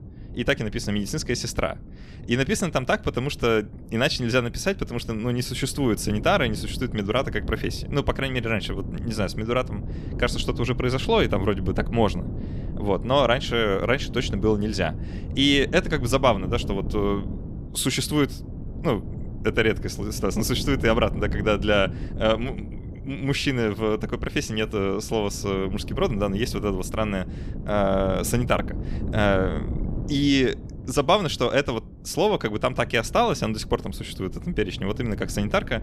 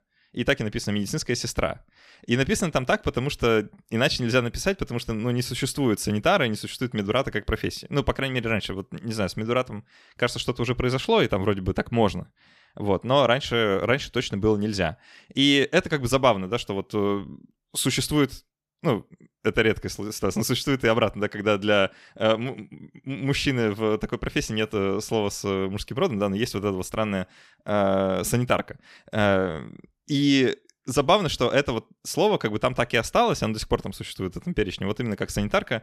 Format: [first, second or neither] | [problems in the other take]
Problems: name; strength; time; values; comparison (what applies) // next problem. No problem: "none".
second | wind noise on the microphone; occasional gusts; 20 dB below the speech